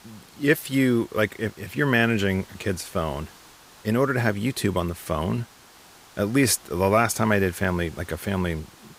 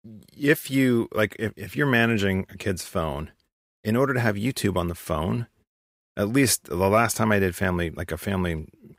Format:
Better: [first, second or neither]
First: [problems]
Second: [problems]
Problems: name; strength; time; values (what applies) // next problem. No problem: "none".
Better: second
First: hiss; faint; throughout; 25 dB below the speech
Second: none